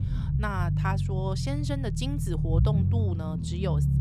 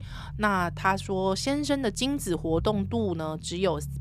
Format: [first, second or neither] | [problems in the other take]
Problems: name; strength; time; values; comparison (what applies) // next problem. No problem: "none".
second | low rumble; loud; throughout; 4 dB below the speech; faint in the second